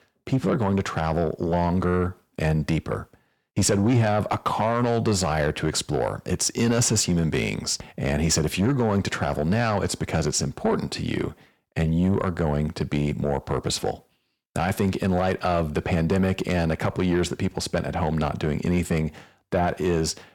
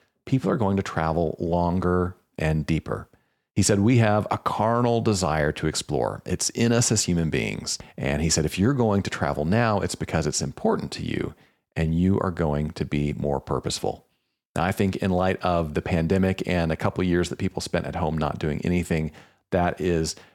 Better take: second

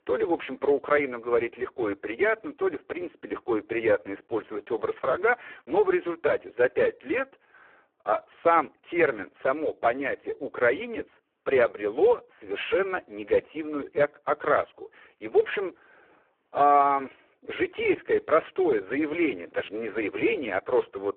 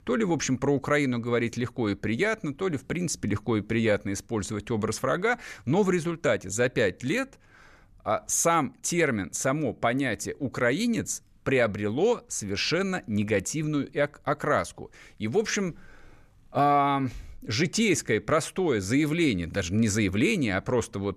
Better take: second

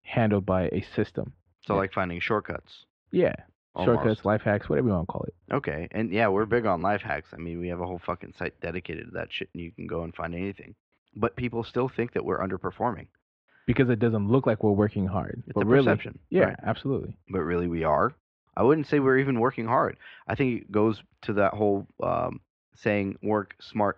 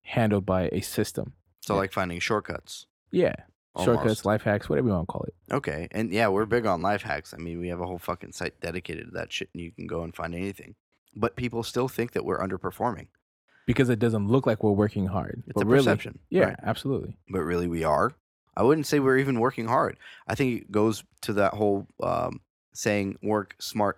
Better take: second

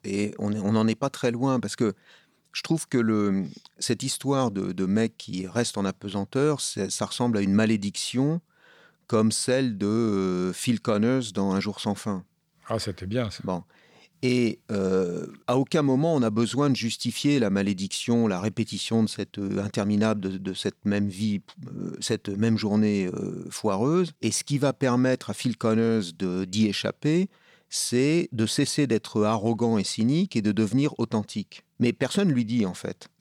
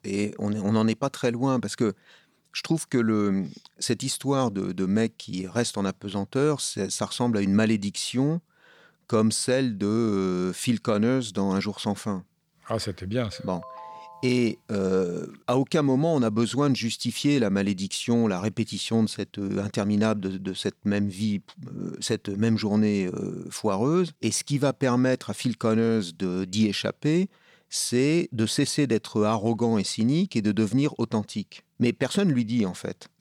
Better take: first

